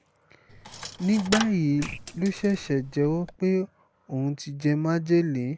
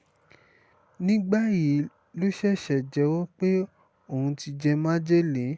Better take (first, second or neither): second